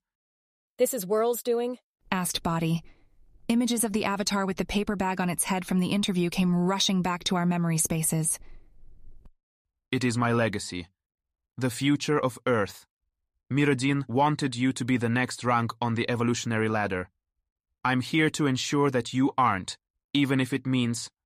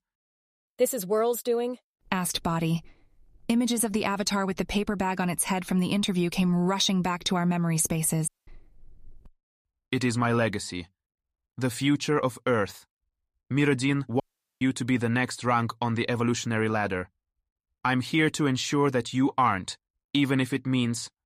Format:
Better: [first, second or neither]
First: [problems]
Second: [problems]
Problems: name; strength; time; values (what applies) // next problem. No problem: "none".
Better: first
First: none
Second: audio cutting out; at 8.5 s and at 14 s